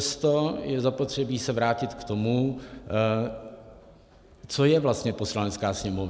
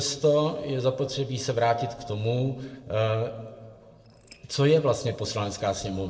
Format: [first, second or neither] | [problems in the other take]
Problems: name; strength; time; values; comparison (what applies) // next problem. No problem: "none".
first | noise reduction (neural separator model SepFormer DNS4)